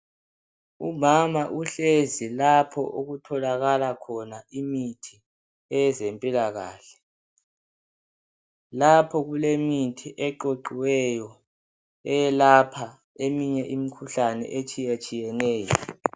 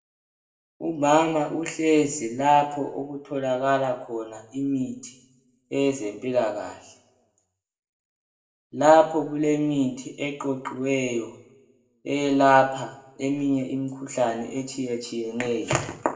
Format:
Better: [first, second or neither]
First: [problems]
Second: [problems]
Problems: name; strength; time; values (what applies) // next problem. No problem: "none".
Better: first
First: none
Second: room echo; dies away in 0.6 s